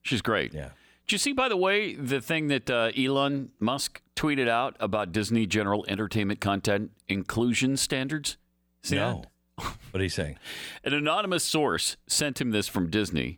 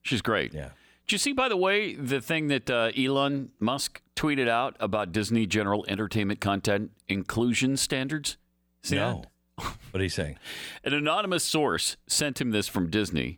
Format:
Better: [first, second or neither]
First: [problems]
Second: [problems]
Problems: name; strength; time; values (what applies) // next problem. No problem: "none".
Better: neither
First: none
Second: none